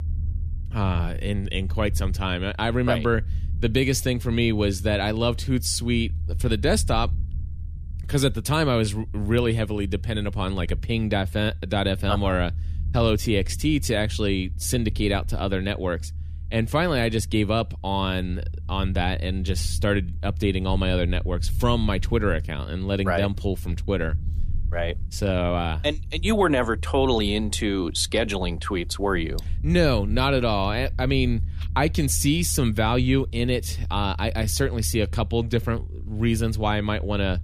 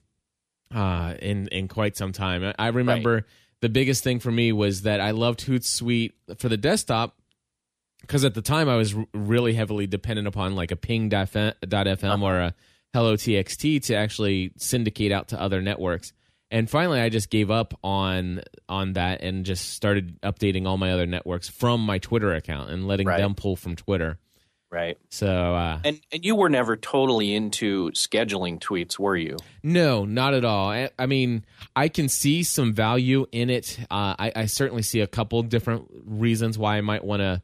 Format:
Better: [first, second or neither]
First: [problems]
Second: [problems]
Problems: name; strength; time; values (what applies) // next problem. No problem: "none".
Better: second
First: low rumble; faint; throughout; 25 dB below the speech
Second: none